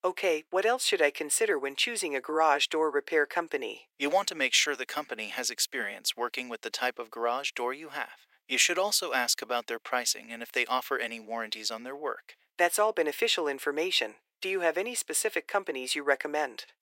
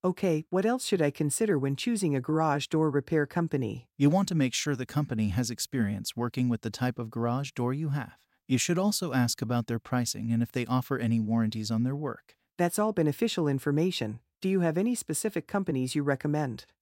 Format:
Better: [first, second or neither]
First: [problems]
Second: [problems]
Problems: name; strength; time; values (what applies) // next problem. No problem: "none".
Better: second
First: thin; very; fading below 450 Hz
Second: none